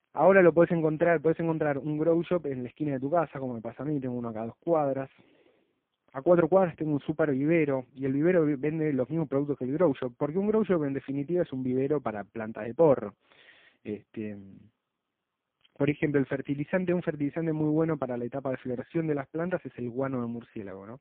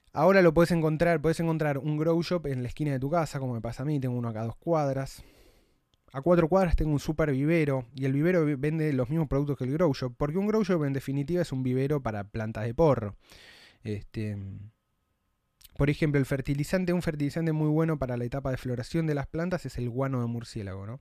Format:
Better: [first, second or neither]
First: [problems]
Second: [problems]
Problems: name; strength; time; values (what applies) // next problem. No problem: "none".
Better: second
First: phone-call audio; poor line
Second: none